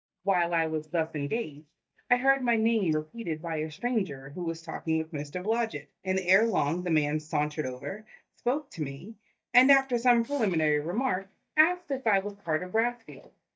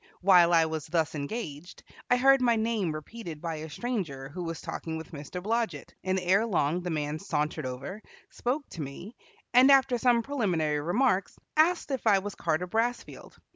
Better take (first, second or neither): second